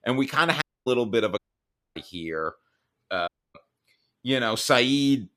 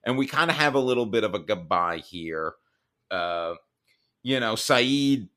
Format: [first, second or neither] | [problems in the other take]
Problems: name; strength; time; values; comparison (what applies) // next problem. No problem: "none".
second | audio cutting out; at 0.5 s, at 1.5 s for 0.5 s and at 3.5 s